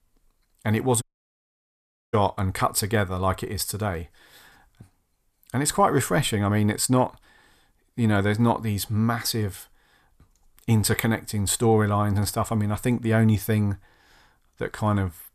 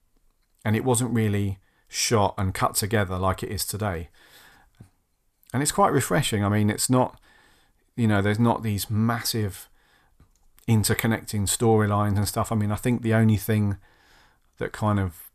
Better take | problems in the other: second | audio cutting out; at 1 s for 1 s

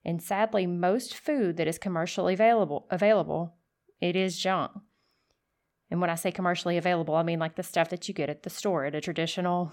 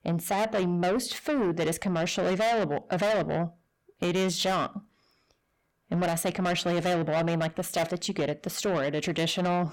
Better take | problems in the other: first | distortion; heavy; 7 dB below the speech

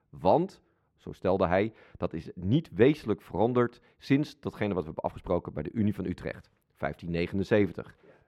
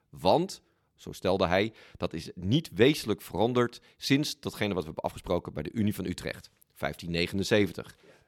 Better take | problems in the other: second | muffled; slightly; fading above 3 kHz

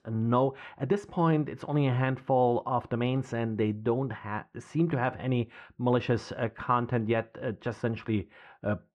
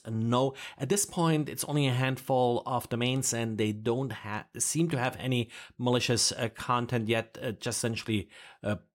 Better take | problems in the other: second | muffled; very; fading above 1.5 kHz

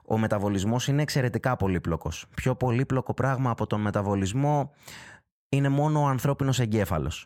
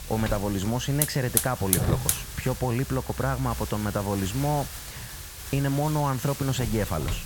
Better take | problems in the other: first | hiss; loud; throughout; 3 dB below the speech

